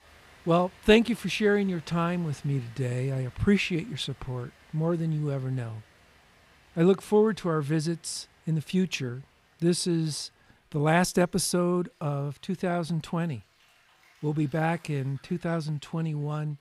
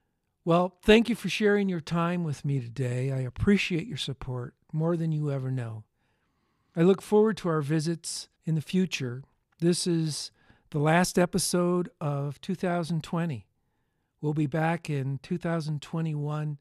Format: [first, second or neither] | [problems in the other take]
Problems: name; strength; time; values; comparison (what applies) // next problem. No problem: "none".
second | rain or running water; faint; throughout; 30 dB below the speech